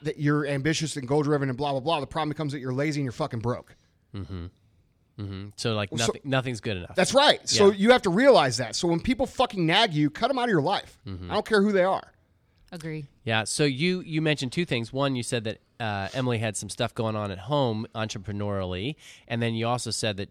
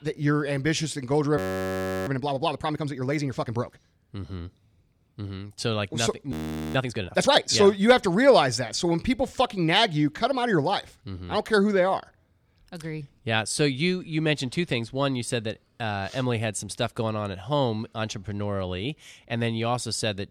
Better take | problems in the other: first | audio freezing; at 1.5 s for 0.5 s and at 6.5 s

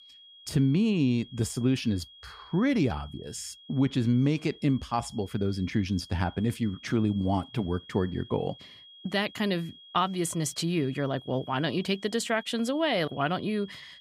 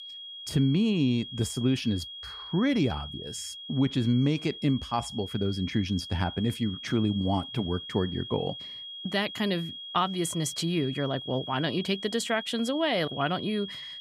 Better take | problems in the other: first | high-pitched whine; loud; throughout; 3.5 kHz, 10 dB below the speech; faint in the first

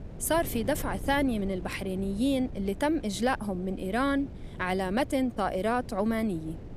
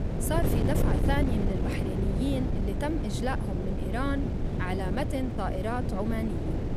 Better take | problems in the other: first | wind noise on the microphone; heavy; 3 dB below the speech; occasional gusts in the first

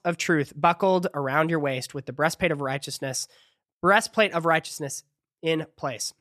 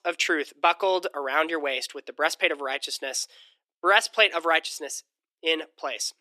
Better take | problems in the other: first | thin; very; fading below 300 Hz

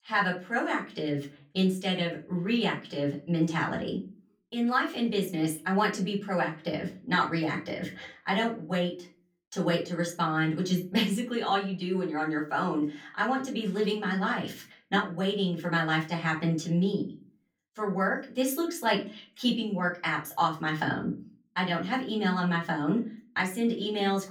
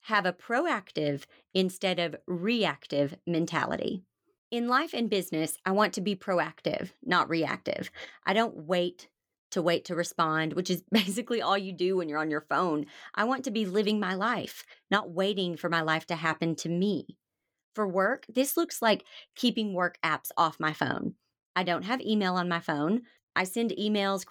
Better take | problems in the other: second | off-mic speech; far // room echo; very slight; dies away in 0.3 s

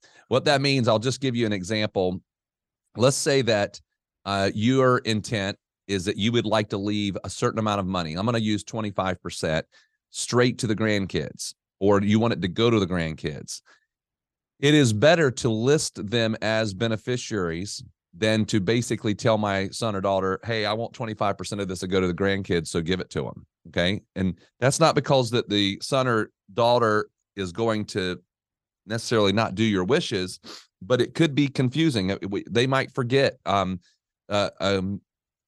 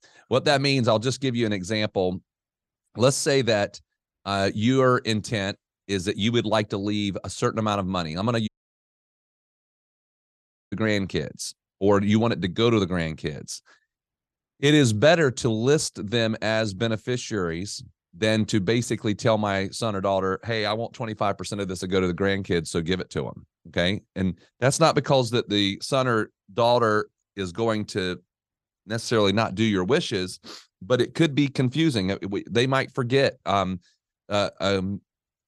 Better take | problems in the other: first | audio cutting out; at 8.5 s for 2 s

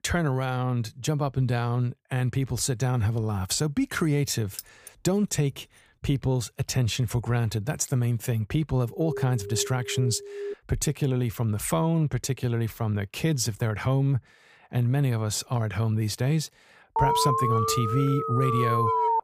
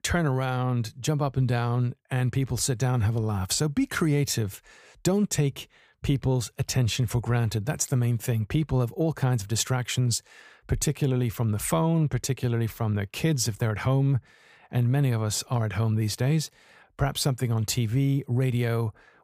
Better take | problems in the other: second | jangling keys; faint; at 4.5 s; peak 15 dB below the speech // alarm; noticeable; from 9 to 11 s; peak 9 dB below the speech // alarm; loud; from 17 s on; peak 3 dB above the speech

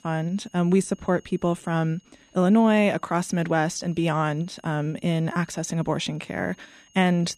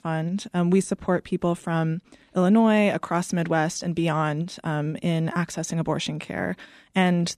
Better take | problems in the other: second | high-pitched whine; faint; throughout; 6.5 kHz, 35 dB below the speech

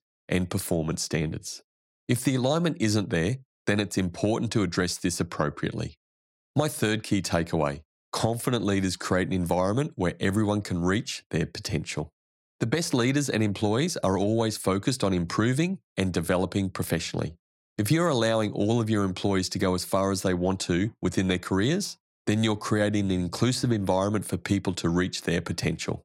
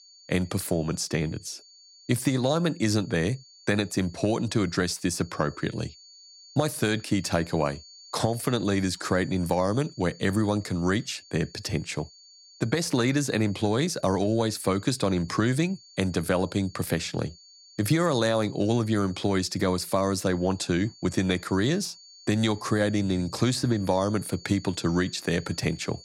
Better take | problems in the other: first | high-pitched whine; faint; throughout; 4.5 kHz, 20 dB below the speech

